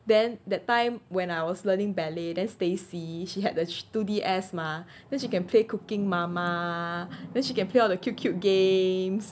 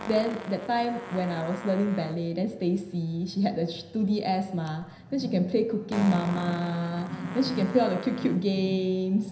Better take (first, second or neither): first